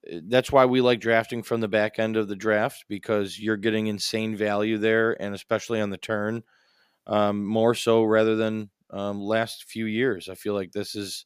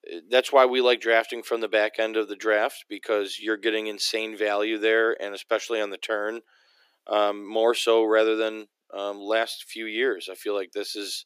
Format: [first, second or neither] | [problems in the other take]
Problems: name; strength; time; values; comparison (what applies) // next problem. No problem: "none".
first | thin; very; fading below 300 Hz